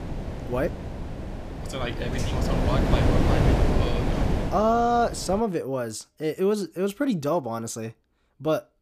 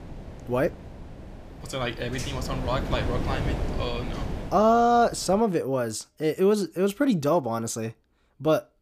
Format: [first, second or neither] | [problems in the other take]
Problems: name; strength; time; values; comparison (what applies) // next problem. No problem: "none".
second | wind noise on the microphone; heavy; until 5.5 s; 4 dB below the speech; occasional gusts in the second